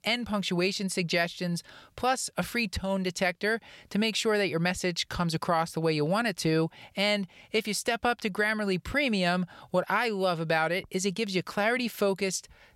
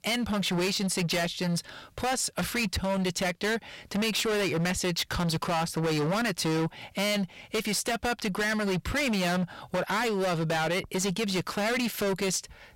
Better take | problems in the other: first | distortion; heavy; 30% of the sound clipped

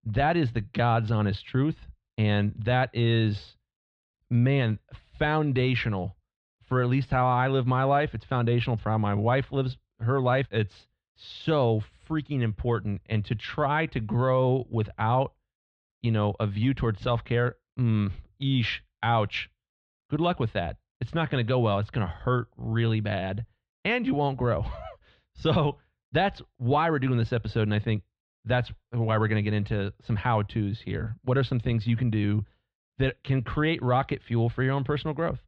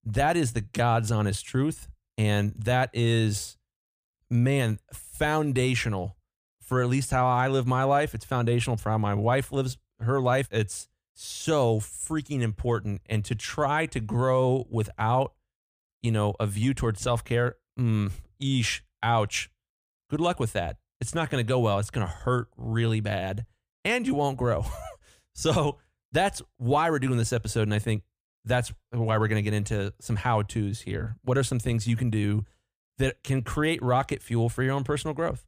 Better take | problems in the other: second | muffled; slightly; fading above 4 kHz

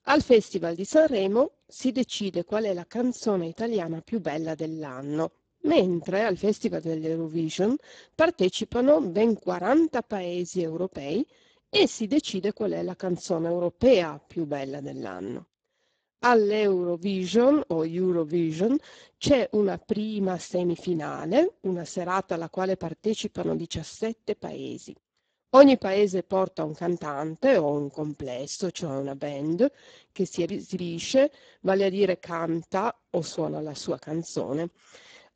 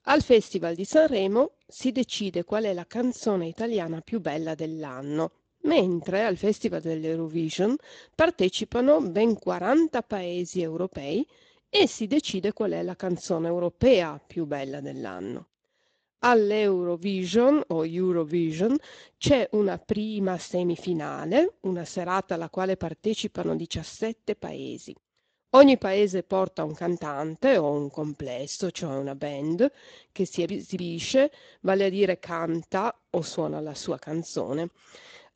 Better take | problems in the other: second | garbled, watery; badly; nothing above 7.5 kHz; slightly in the second

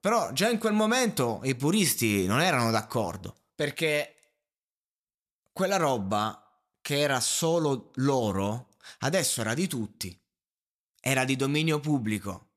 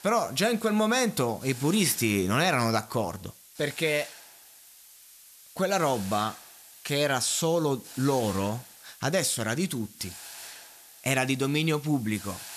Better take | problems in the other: first | hiss; noticeable; throughout; 20 dB below the speech

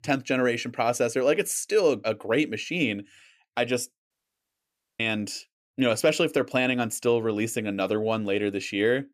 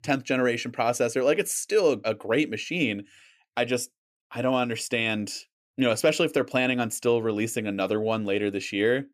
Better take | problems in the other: second | audio cutting out; at 4 s for 1 s

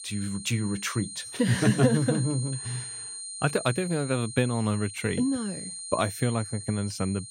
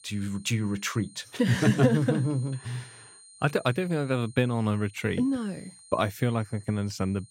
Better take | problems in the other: second | high-pitched whine; loud; throughout; 9 kHz, 9 dB below the speech; faint in the second

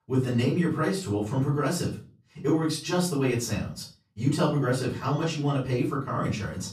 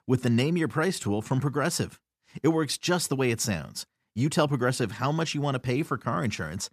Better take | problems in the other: second | off-mic speech; far // room echo; slight; dies away in 0.3 s

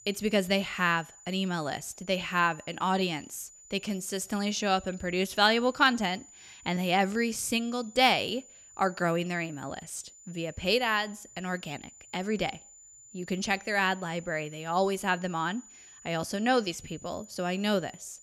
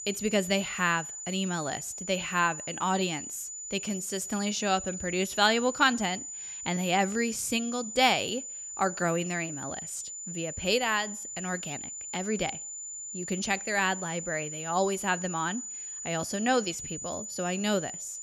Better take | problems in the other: first | high-pitched whine; loud; throughout; 7 kHz, 7 dB below the speech; faint in the first

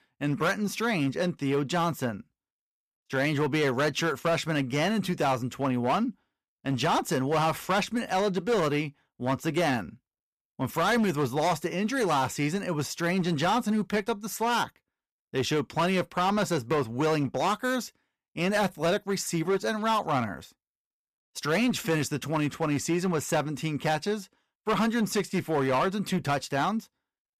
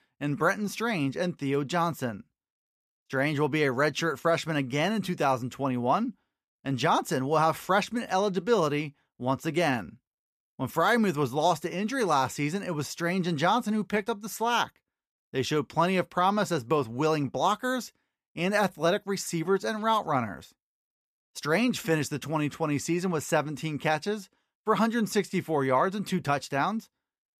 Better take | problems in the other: second | distortion; slight; 9% of the sound clipped

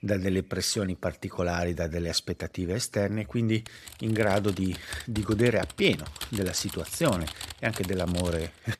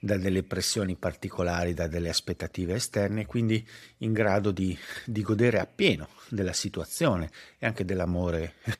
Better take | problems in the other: second | keyboard typing; noticeable; from 3.5 s on; peak 8 dB below the speech

